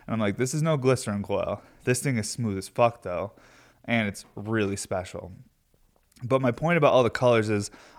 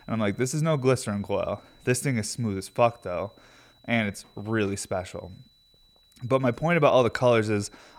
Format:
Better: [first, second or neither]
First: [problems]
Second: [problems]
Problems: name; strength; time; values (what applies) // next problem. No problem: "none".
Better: first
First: none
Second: high-pitched whine; faint; throughout; 4 kHz, 35 dB below the speech